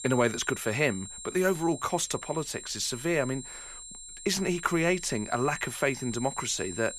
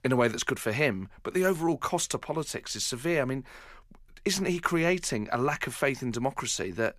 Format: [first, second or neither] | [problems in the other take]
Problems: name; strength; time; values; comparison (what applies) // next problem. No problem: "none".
second | high-pitched whine; noticeable; throughout; 7.5 kHz, 10 dB below the speech